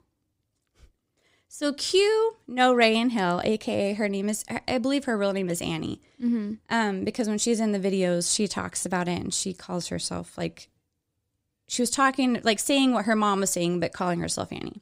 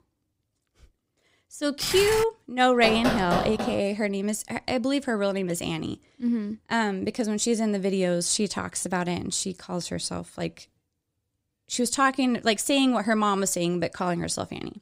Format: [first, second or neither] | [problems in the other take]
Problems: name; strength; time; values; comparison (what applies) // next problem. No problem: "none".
first | keyboard typing; noticeable; at 2 s; peak 3 dB below the speech // door banging; noticeable; at 3 s; peak 1 dB below the speech